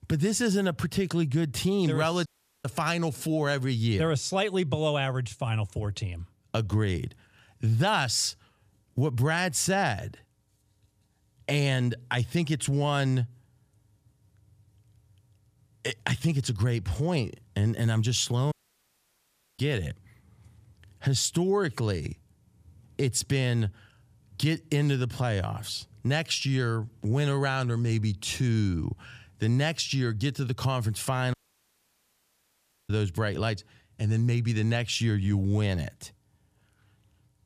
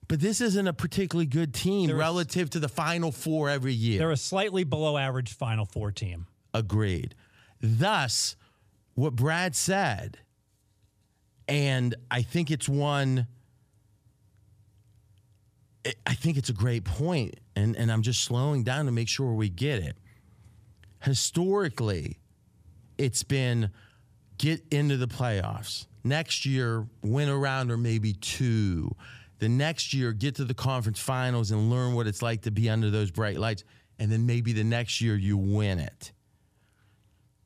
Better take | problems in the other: second | audio cutting out; at 2.5 s, at 19 s for 1 s and at 31 s for 1.5 s

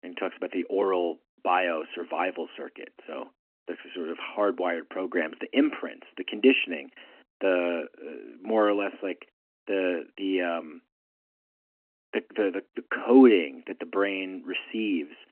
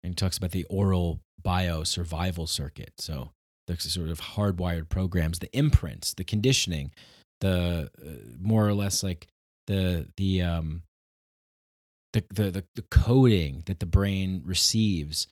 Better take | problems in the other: second | phone-call audio; nothing above 2.5 kHz

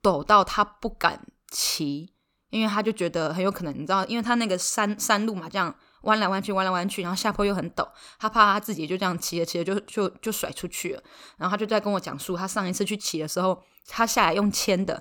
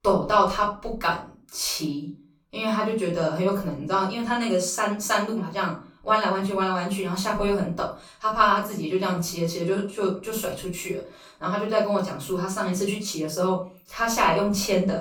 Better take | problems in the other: first | off-mic speech; far // room echo; slight; dies away in 0.3 s

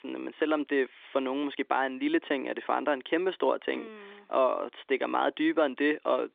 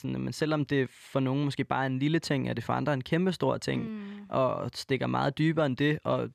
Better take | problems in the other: second | phone-call audio; nothing above 3.5 kHz

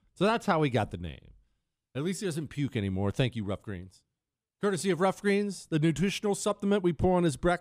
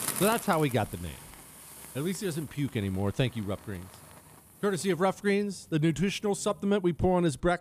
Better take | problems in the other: first | hiss; noticeable; throughout; 15 dB below the speech

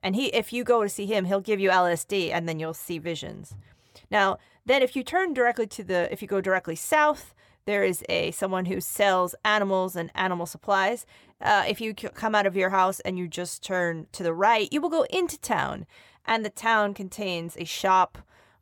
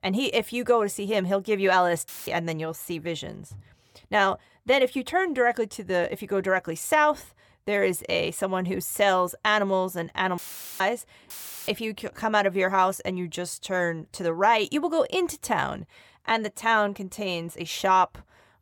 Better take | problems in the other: first | audio cutting out; filled with static; at 2 s, at 10 s and at 11 s

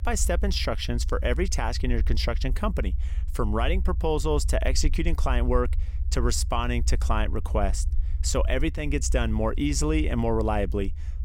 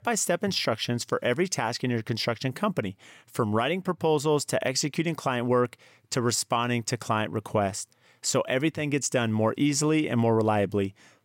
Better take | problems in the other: second | low rumble; faint; throughout; 20 dB below the speech

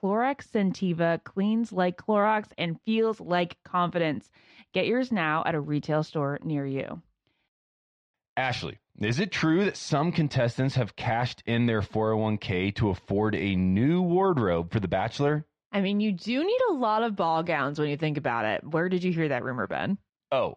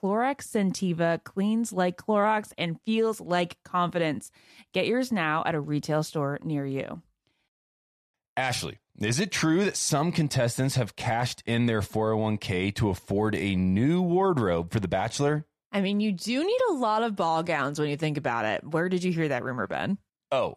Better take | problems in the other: second | muffled; very slightly; fading above 4 kHz

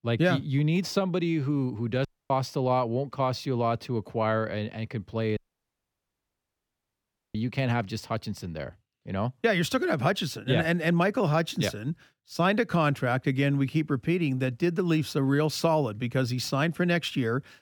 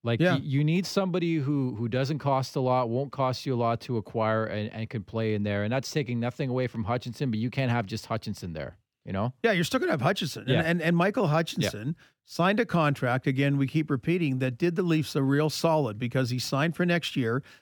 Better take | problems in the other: second | audio cutting out; at 2 s and at 5.5 s for 2 s

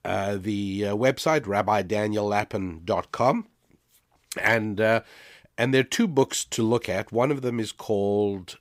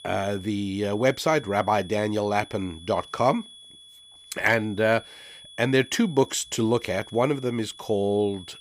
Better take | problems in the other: first | high-pitched whine; noticeable; throughout; 3.5 kHz, 20 dB below the speech

